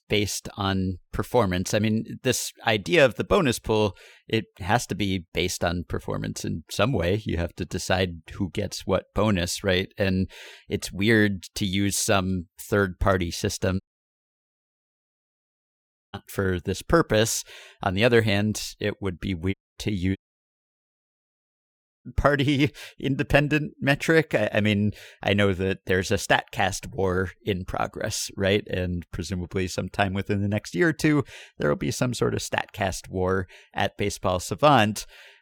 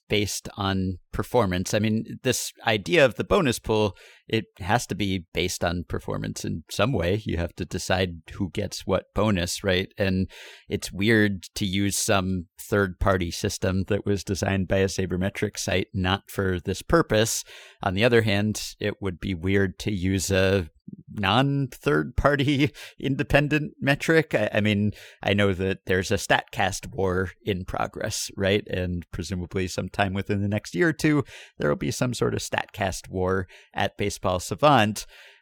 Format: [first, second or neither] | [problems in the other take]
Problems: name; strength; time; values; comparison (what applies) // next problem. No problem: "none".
second | audio cutting out; at 14 s for 2.5 s and at 20 s for 2 s